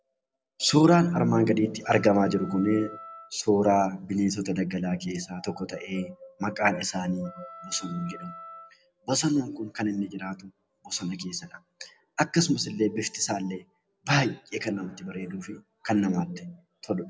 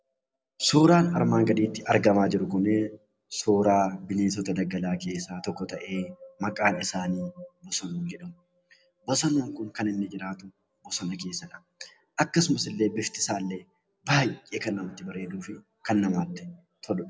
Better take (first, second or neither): second